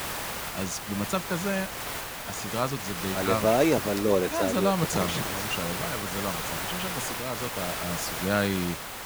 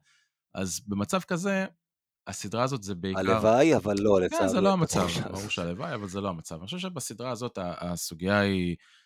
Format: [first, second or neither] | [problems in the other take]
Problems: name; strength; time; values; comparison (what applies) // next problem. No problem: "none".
second | hiss; loud; throughout; 3 dB below the speech